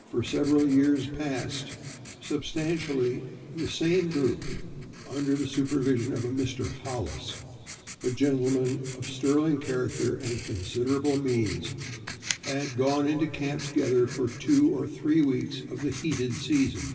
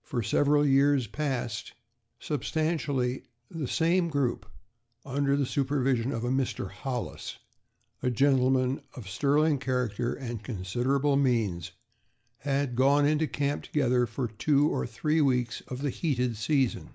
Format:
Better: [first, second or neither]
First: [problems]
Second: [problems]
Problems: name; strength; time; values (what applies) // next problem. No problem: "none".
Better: second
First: background sound (Writing); 15 dB below the speech // room echo; dies away in 3 s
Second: none